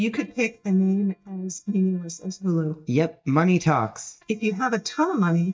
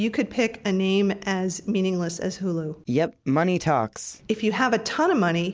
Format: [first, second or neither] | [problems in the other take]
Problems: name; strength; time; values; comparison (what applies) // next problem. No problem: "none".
second | noise reduction (neural mask model DeepFilterNet 3)